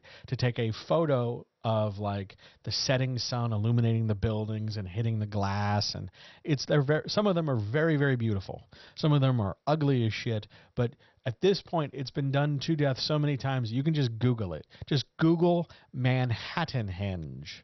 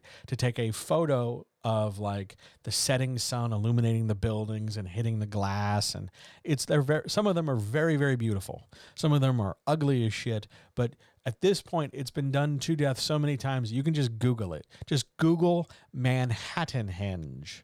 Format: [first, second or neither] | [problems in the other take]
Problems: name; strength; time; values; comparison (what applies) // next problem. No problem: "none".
second | garbled, watery; slightly; nothing above 6 kHz